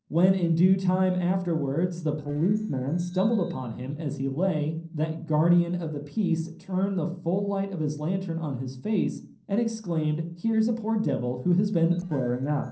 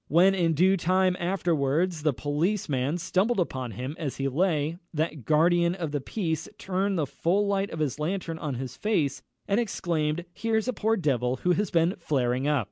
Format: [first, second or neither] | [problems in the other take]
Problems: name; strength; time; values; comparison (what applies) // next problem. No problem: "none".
second | noise reduction (neural separator model SepFormer DNS4)